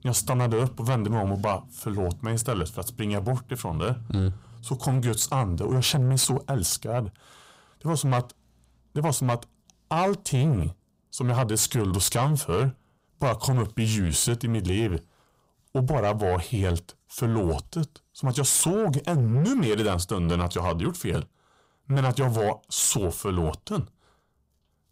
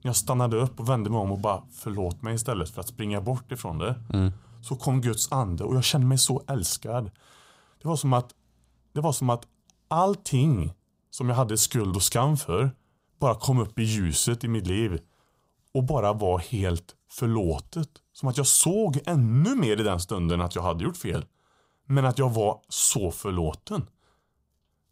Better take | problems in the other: second | distortion; slight; 10 dB below the speech

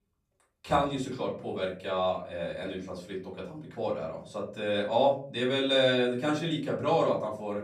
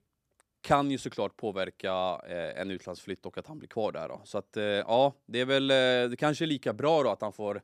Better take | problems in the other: second | room echo; slight; dies away in 0.5 s // off-mic speech; far

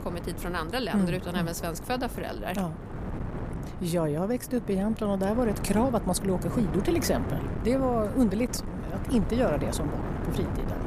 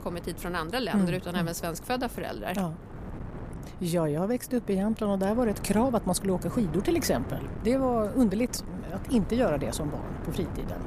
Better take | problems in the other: second | wind noise on the microphone; heavy; 9 dB below the speech; occasional gusts in the second

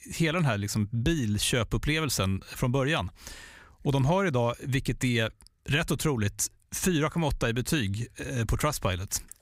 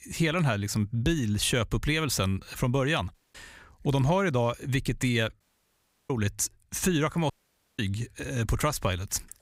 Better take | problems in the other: first | audio cutting out; at 3 s, at 5.5 s for 0.5 s and at 7.5 s

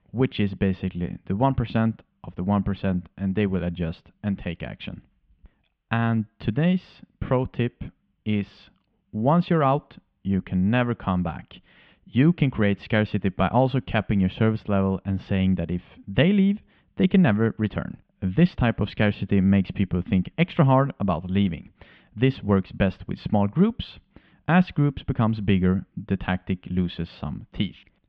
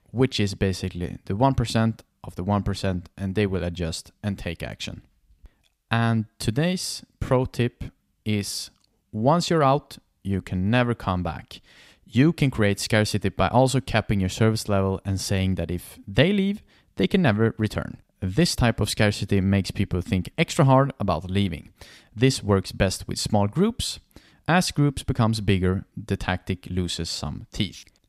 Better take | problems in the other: second | muffled; very; fading above 3 kHz

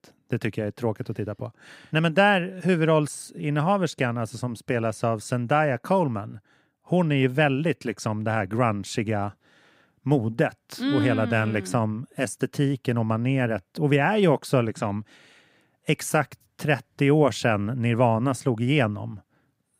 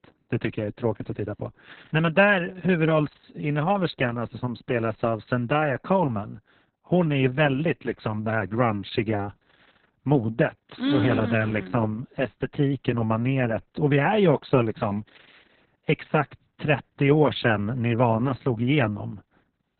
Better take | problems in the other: first | garbled, watery; badly; nothing above 4 kHz

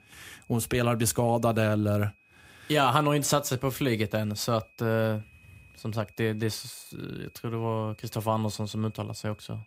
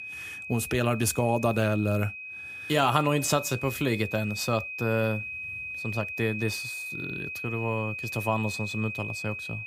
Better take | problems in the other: first | high-pitched whine; loud; throughout; 2.5 kHz, 7 dB below the speech; faint in the first

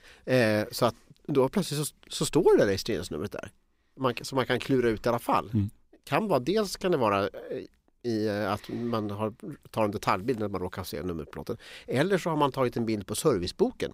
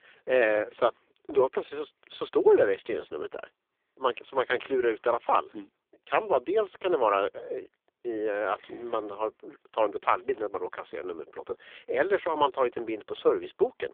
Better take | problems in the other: first | phone-call audio; poor line

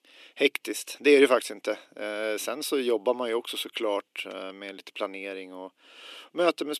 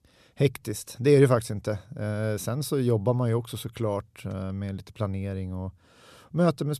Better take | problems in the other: second | thin; somewhat; fading below 300 Hz

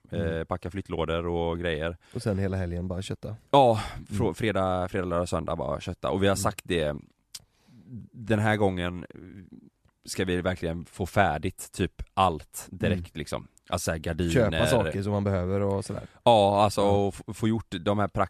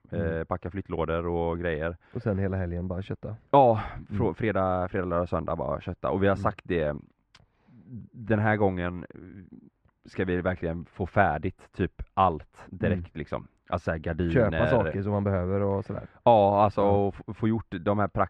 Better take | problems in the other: first | muffled; very; fading above 1.5 kHz

